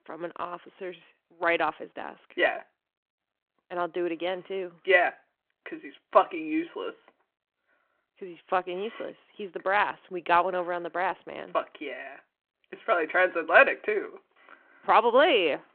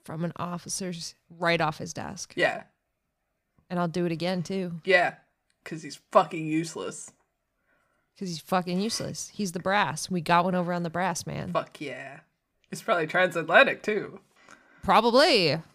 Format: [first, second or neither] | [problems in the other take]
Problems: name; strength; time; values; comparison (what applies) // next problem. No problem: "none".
second | phone-call audio